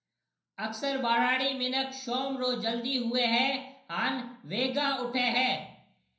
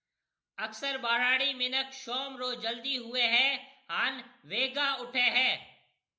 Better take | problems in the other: second | room echo; dies away in 0.6 s

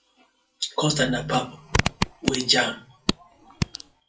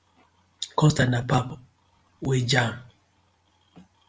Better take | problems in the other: second | noise reduction (classical method WPE with log-MMSE)

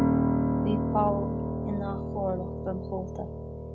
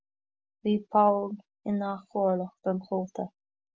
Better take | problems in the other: second | background sound (Piano); 5 dB above the speech

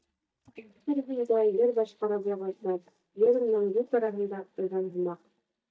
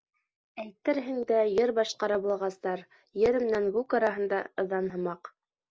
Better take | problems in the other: second | noise reduction (neural mask model DeepFilterNet 3)

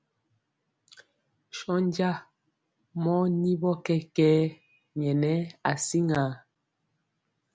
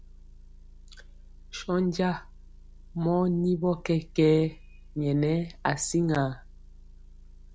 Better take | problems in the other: first | background sound (Motor vehicle (road) / Engine); 19 dB below the speech

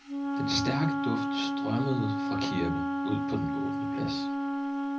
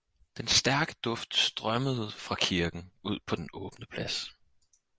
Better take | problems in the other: second | background sound (Wind instrument, woodwind instrument); 3 dB above the speech // room echo; dies away in 0.4 s

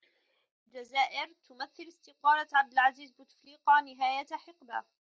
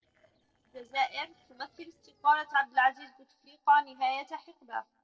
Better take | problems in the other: first | noise reduction (neural separator model SepFormer DNS4)

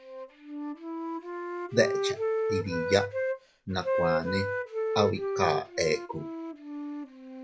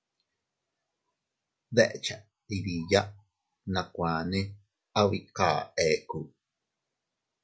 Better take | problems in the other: second | background sound (Wind instrument, woodwind instrument); as loud as the speech

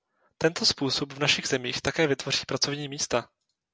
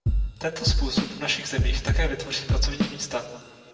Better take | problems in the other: first | background sound (Drum kit); 5 dB above the speech // room echo; dies away in 1.4 s

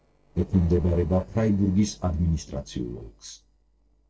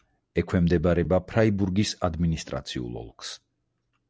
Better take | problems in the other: second | noise reduction (neural separator model SepFormer DNS4)

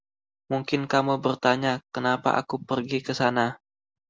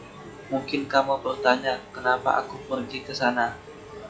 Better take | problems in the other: first | noise reduction (classical method log-MMSE)

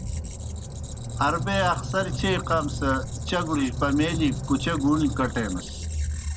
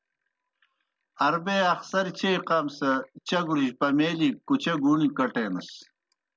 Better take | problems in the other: second | background sound (Squeak); 4 dB below the speech

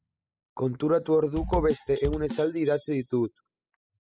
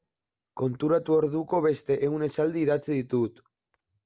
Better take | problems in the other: second | noise reduction (classical method spectral subtraction)

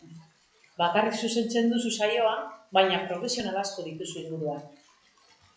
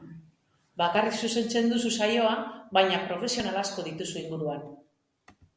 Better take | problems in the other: second | noise reduction (classical method log-MMSE)

